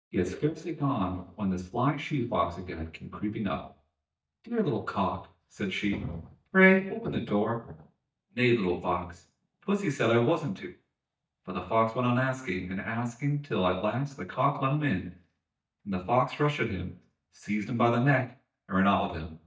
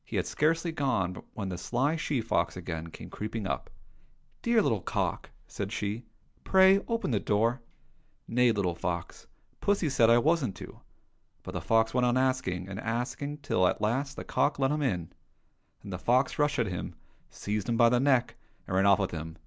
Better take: second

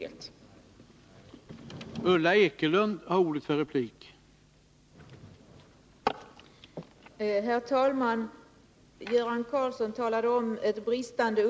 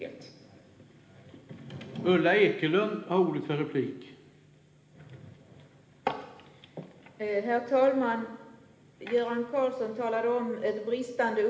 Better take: first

